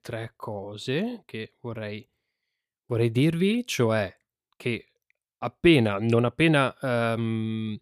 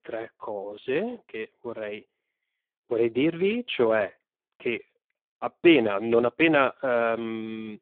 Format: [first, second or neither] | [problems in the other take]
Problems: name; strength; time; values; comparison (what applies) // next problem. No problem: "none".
first | phone-call audio; poor line